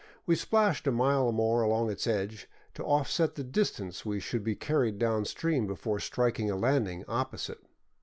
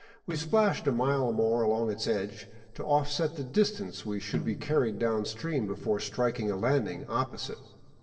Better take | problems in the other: first | noise reduction (neural separator model SepFormer DNS4)

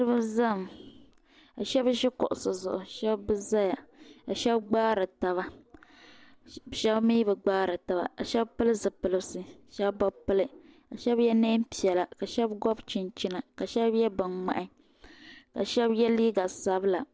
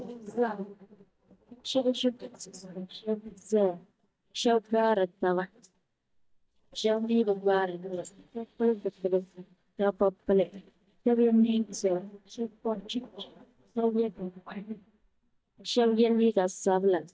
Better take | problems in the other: first | noise reduction (neural mask model DeepFilterNet 3)

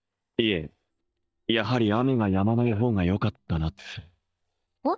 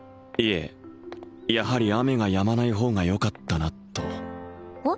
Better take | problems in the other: second | noise reduction (neural mask model DeepFilterNet 3)

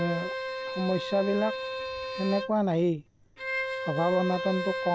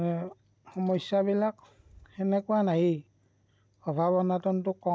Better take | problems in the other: second | background sound (Bowed string instrument); 5 dB below the speech

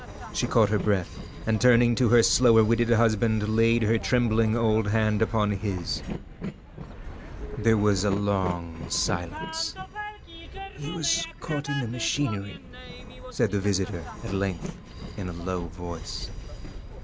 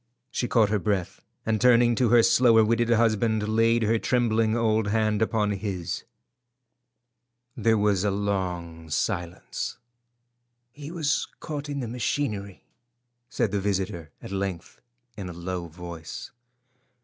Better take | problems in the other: second | background sound (Train); 10 dB below the speech

